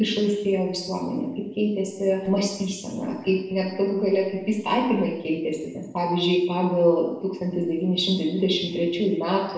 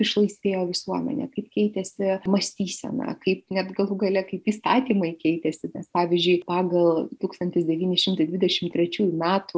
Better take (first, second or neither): second